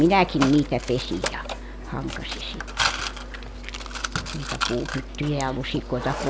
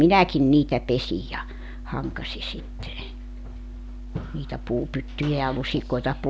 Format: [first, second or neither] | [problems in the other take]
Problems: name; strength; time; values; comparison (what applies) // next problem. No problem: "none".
second | background sound (Mechanisms); 6 dB below the speech